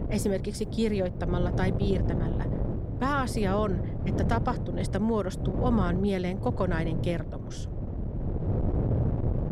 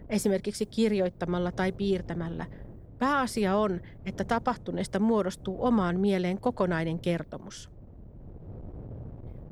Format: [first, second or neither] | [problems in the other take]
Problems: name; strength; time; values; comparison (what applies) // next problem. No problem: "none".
second | wind noise on the microphone; heavy; 7 dB below the speech; occasional gusts in the second